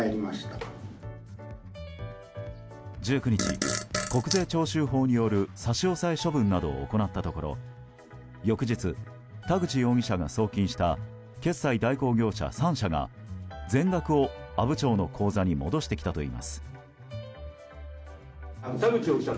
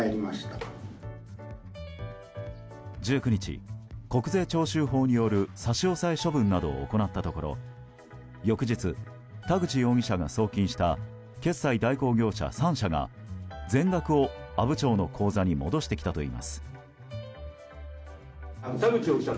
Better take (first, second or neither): second